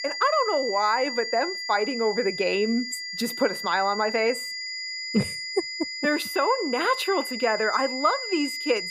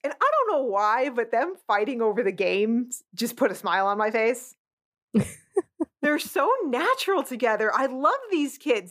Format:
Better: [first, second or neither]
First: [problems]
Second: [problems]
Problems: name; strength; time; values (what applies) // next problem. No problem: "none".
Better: second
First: high-pitched whine; loud; throughout; 2 kHz, 5 dB below the speech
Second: none